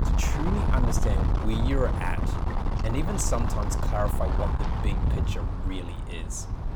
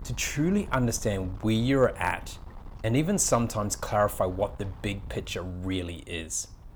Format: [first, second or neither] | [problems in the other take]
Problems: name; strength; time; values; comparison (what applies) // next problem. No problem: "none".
second | wind noise on the microphone; heavy; 2 dB below the speech; occasional gusts in the second